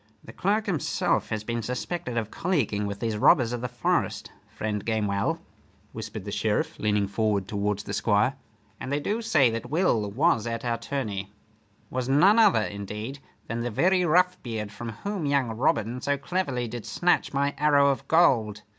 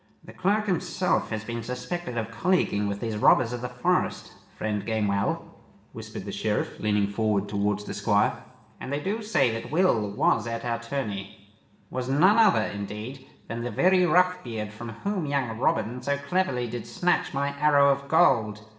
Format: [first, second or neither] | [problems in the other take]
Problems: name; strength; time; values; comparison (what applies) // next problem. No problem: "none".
first | room echo; dies away in 1.1 s